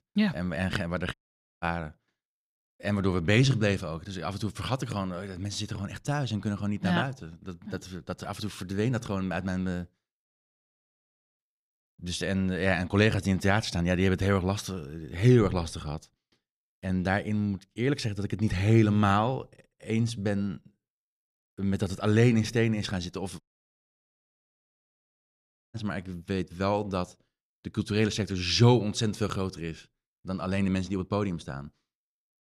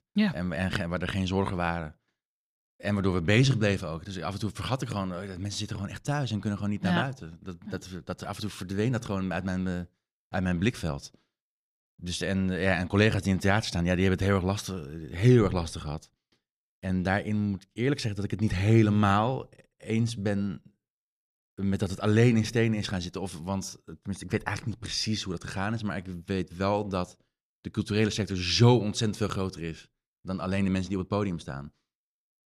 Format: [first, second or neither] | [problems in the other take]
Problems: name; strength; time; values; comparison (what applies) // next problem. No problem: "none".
second | audio cutting out; at 1 s, at 10 s for 1 s and at 23 s for 2.5 s